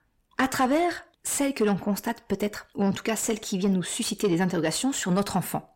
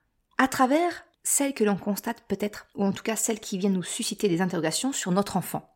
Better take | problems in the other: second | distortion; slight; 10 dB below the speech

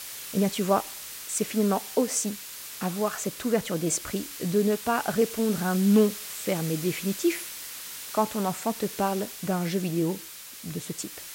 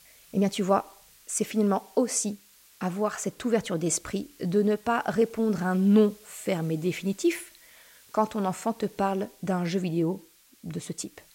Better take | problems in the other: second | hiss; loud; throughout; 9 dB below the speech; faint in the second

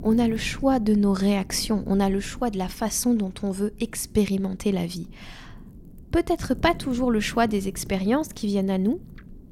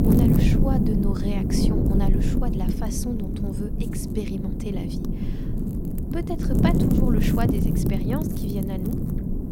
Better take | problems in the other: first | wind noise on the microphone; heavy; 2 dB above the speech; occasional gusts in the first

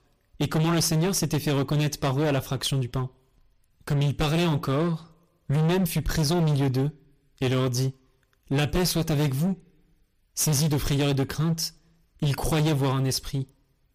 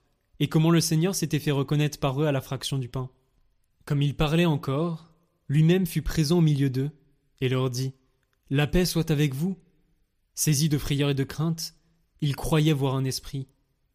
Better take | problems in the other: second | distortion; heavy; 19% of the sound clipped

